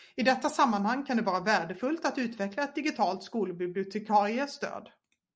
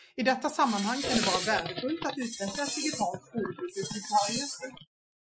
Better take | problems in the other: first | noise reduction (classical method Wiener filter)

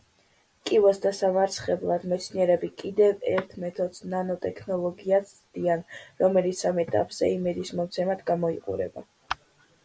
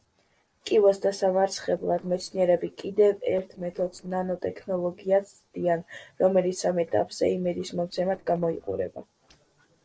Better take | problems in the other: first | noise reduction (neural separator model SepFormer DNS4)

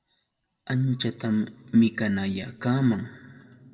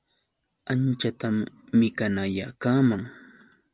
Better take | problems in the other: second | room echo; dies away in 1.7 s

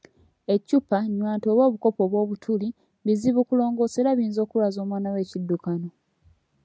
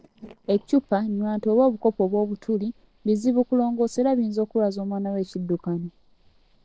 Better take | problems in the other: first | noise reduction (neural separator model SepFormer DNS4)

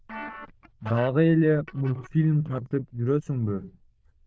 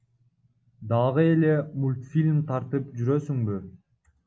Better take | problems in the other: second | noise reduction (neural diffusion model UNIVERSE++)

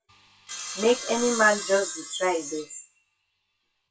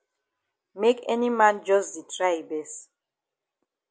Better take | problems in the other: second | noise reduction (classical method WPE with log-MMSE)

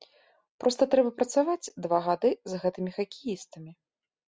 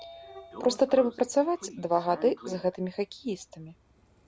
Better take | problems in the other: first | background sound (Sliding door / Train); 17 dB below the speech

